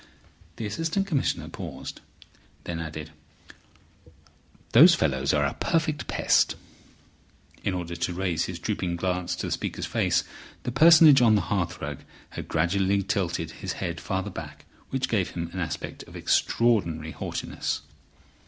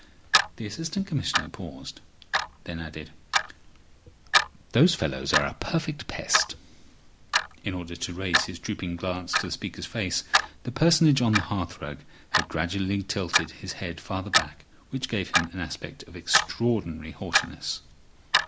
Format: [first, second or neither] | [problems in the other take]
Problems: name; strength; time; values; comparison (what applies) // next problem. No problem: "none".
first | background sound (Clock); 1 dB below the speech